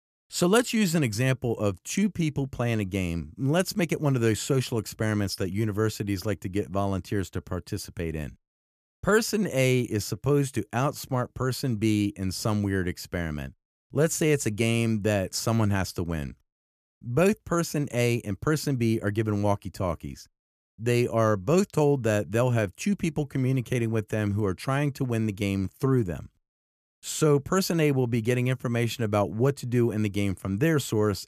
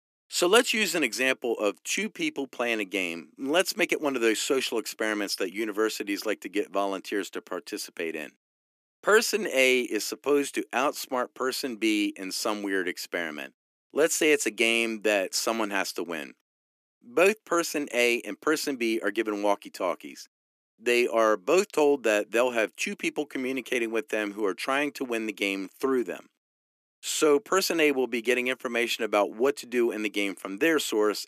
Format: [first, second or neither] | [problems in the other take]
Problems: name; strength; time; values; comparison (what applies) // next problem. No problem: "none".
first | thin; somewhat; fading below 300 Hz